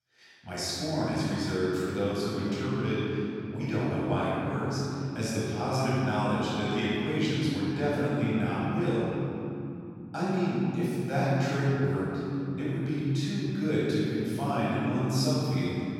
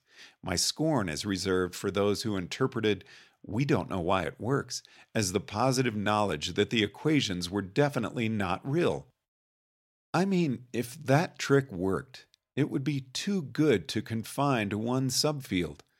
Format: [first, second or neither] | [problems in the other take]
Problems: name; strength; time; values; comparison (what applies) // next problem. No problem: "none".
second | off-mic speech; far // room echo; strong; dies away in 3 s